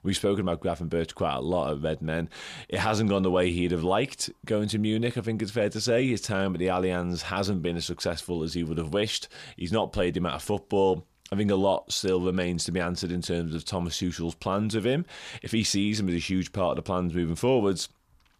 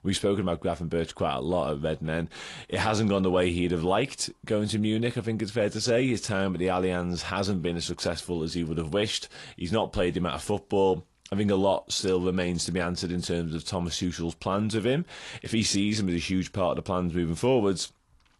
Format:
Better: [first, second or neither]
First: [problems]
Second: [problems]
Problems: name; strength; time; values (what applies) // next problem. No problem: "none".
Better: first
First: none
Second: garbled, watery; slightly